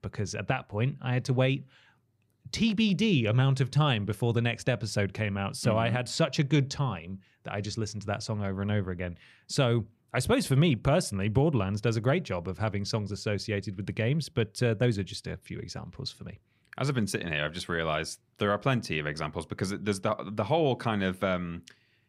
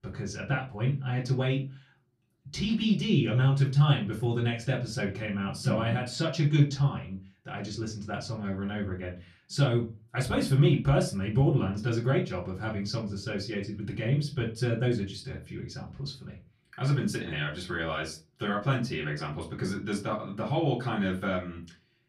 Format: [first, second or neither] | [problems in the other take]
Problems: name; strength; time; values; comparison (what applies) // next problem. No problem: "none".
first | off-mic speech; far // room echo; very slight; dies away in 0.2 s